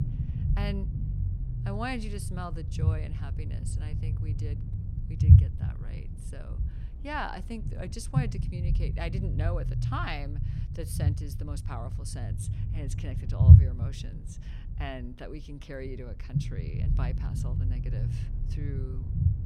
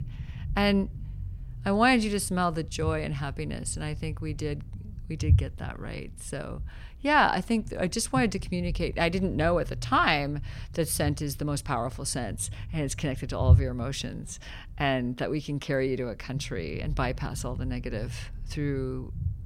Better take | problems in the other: second | low rumble; loud; throughout; 1 dB below the speech; faint in the second

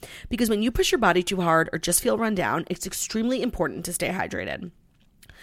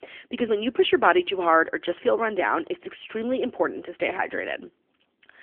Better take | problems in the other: first | phone-call audio; nothing above 3.5 kHz

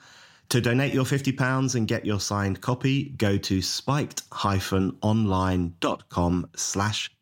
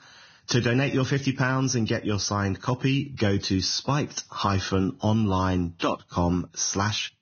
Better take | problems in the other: first | garbled, watery; badly; nothing above 6.5 kHz

